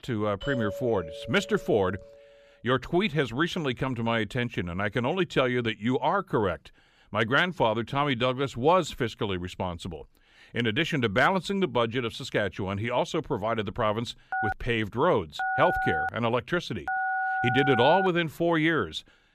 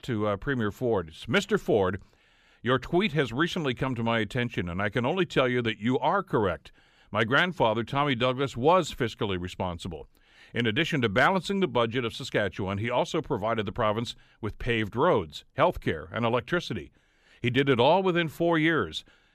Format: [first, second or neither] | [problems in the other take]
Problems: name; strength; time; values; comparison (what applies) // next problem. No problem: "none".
second | doorbell; noticeable; until 2 s; peak 8 dB below the speech // phone ringing; noticeable; from 14 to 18 s; peak level with the speech